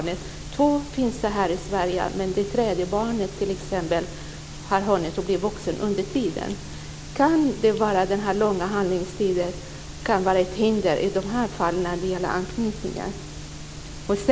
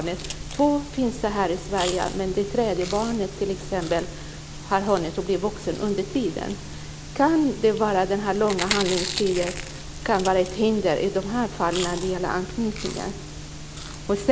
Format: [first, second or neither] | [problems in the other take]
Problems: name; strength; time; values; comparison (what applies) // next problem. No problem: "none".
first | background sound (Chewing, mastication); 13 dB below the speech